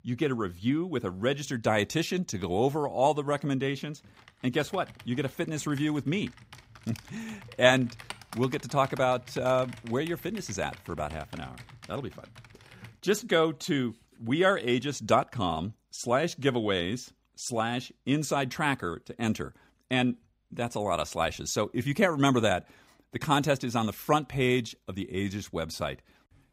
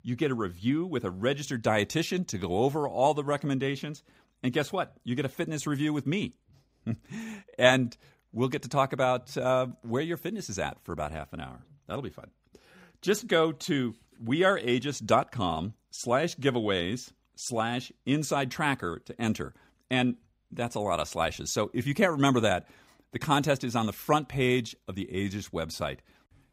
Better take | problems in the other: second | keyboard typing; faint; from 4 to 13 s; peak 15 dB below the speech

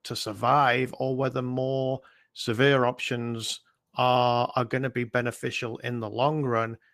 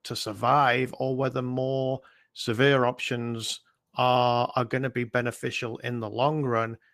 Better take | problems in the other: neither | garbled, watery; slightly; nothing above 14.5 kHz; the same in both

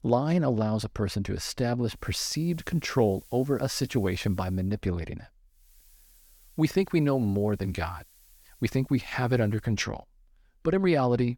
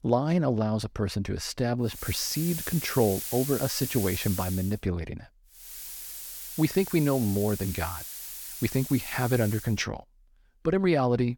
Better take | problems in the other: first | hiss; loud; from 2 to 4.5 s and from 5.5 to 9.5 s; 7 dB below the speech; faint in the first

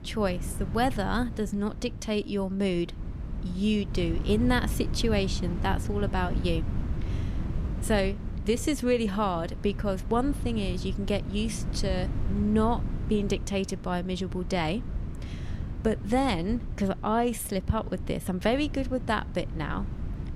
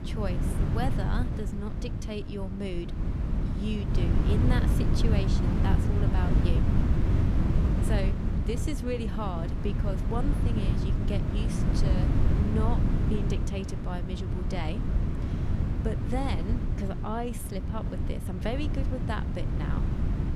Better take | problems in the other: first | wind noise on the microphone; heavy; 1 dB below the speech; occasional gusts in the first

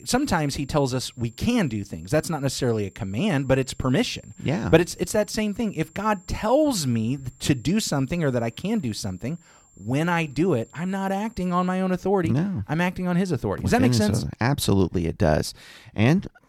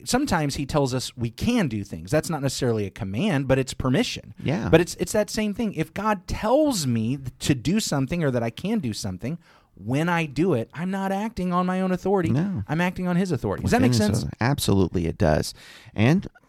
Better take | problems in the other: second | high-pitched whine; faint; until 12 s; 7.5 kHz, 30 dB below the speech

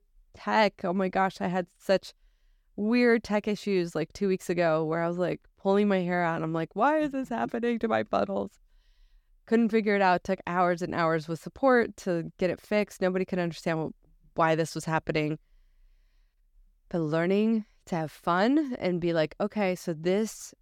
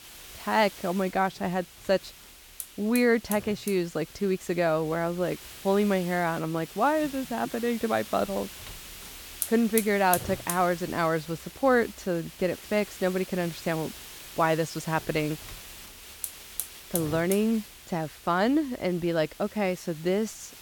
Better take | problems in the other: first | hiss; noticeable; throughout; 10 dB below the speech

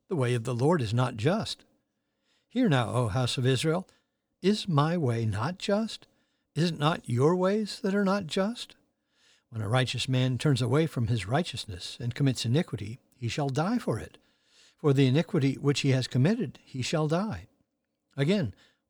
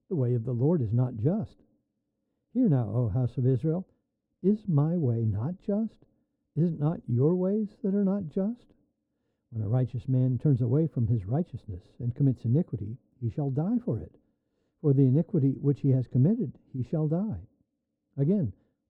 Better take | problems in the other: first | muffled; very; fading above 1 kHz

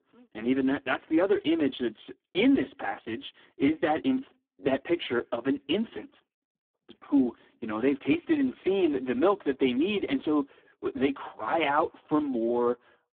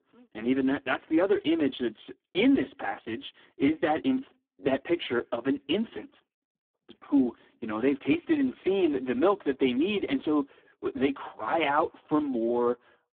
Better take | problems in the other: neither | phone-call audio; poor line; the same in both

